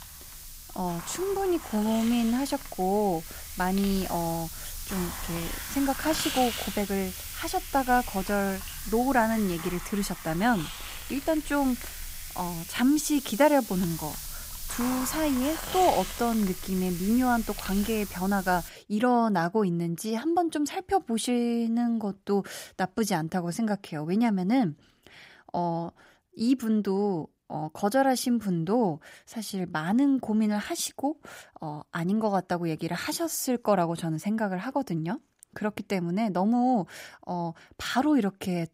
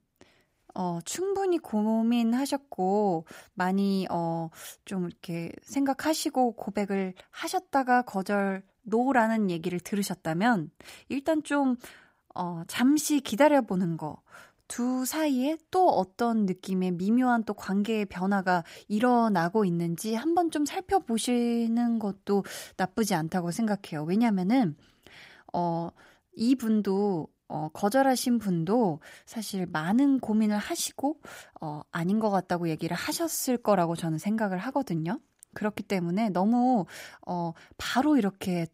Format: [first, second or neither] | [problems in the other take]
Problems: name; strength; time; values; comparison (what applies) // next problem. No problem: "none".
second | hiss; loud; until 19 s; 9 dB below the speech